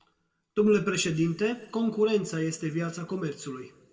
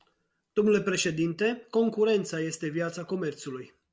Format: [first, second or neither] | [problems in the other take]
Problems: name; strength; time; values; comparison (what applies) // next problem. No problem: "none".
second | room echo; dies away in 1.2 s